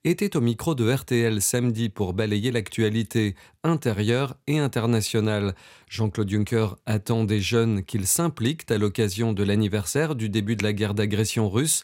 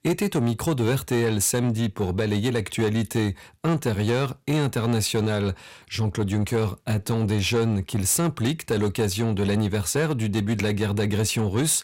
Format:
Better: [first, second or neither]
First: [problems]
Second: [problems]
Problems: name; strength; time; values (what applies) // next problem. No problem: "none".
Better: first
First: none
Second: distortion; slight; 10 dB below the speech